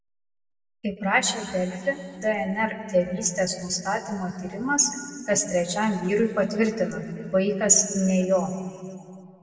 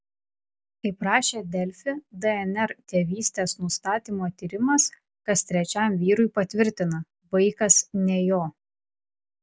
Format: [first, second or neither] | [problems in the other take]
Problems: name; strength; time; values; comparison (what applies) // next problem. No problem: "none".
second | room echo; dies away in 2.2 s